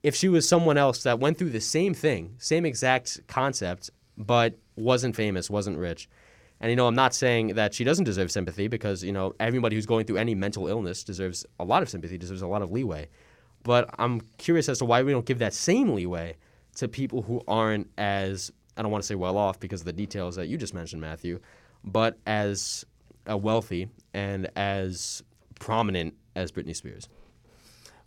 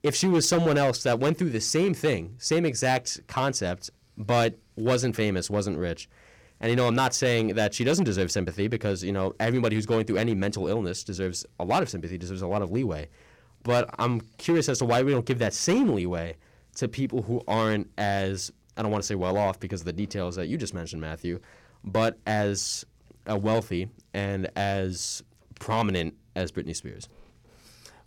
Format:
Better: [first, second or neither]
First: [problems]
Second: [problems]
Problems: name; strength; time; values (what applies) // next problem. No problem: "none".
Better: first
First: none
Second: distortion; slight; 4% of the sound clipped